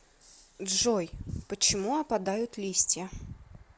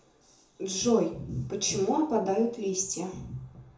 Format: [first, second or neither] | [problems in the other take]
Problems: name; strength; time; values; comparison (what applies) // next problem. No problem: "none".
first | room echo; dies away in 0.6 s